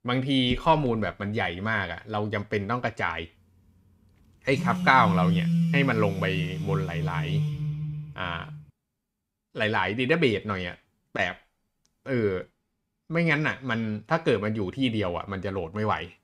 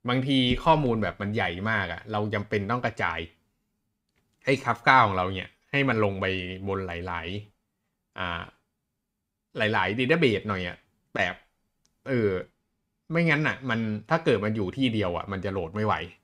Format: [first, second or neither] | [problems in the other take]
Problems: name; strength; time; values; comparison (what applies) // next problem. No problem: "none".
second | phone ringing; loud; from 4.5 to 8.5 s; peak 3 dB above the speech